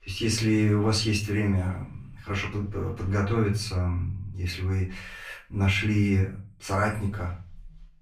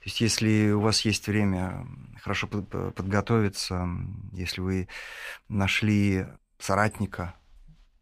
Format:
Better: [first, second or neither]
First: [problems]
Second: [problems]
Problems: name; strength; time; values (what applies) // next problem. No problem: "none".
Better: second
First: room echo; slight; dies away in 0.3 s // off-mic speech; far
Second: none